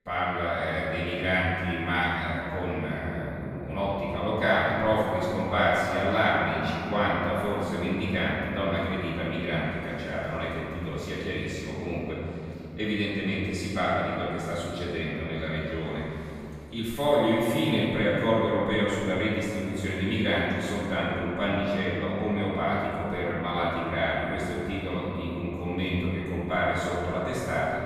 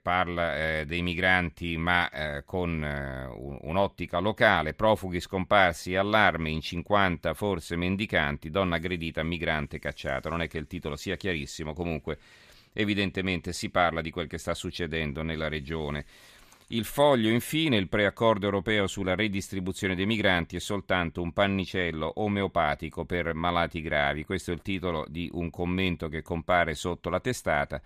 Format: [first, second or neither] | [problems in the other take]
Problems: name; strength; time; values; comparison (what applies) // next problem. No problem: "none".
second | room echo; strong; dies away in 2.8 s // off-mic speech; far